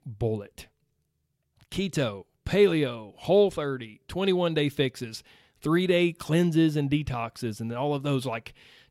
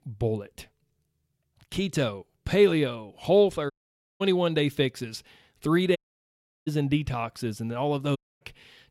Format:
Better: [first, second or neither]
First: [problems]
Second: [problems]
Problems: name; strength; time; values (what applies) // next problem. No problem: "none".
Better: first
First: none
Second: audio cutting out; at 3.5 s for 0.5 s, at 6 s for 0.5 s and at 8 s